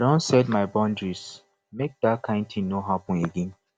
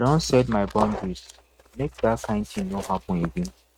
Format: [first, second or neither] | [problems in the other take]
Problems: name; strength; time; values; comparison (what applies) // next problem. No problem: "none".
first | noise reduction (neural mask model RNNoise)